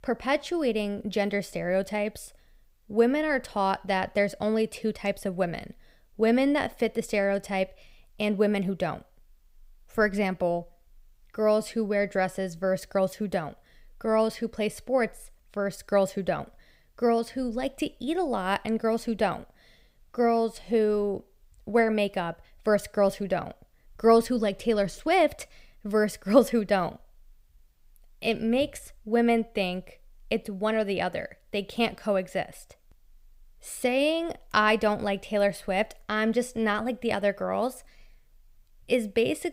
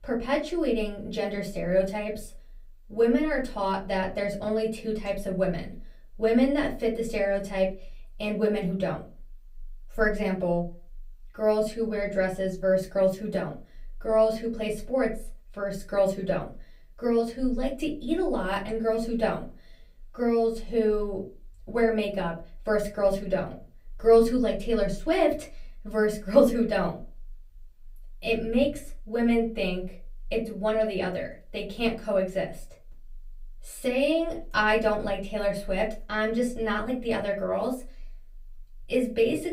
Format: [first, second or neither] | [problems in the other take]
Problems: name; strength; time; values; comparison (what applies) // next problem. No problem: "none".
first | off-mic speech; far // room echo; very slight; dies away in 0.3 s